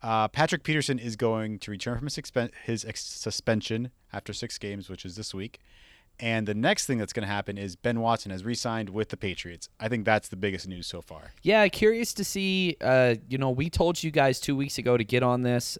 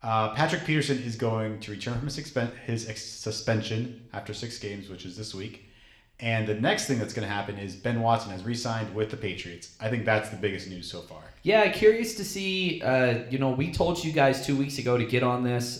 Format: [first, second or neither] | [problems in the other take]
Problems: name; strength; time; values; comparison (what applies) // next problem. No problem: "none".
first | room echo; slight; dies away in 0.6 s